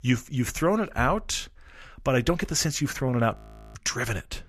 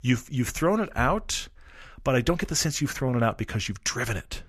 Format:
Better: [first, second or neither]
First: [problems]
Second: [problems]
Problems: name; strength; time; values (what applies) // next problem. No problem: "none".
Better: second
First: audio freezing; at 3.5 s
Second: none